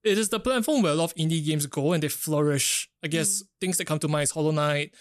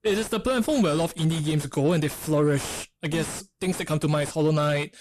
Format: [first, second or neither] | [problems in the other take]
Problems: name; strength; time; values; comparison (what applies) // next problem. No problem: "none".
first | distortion; heavy; 7 dB below the speech